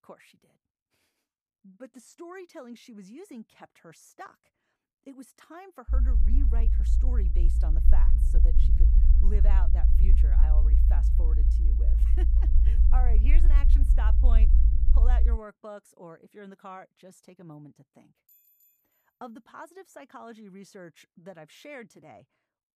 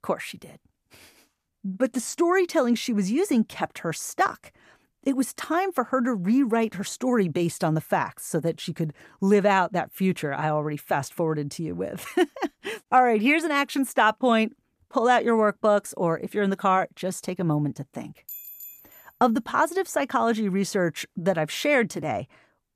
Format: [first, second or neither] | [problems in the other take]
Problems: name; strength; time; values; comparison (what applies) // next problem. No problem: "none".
second | low rumble; loud; from 6 to 15 s; 2 dB below the speech